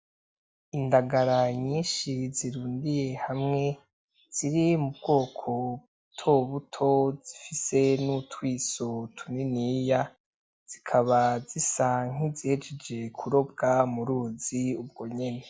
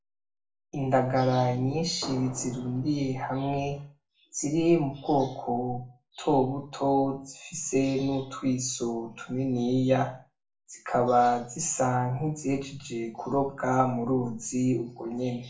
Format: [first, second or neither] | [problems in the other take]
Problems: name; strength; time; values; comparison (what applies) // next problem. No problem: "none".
first | background sound (Fireworks); 15 dB below the speech // room echo; dies away in 0.3 s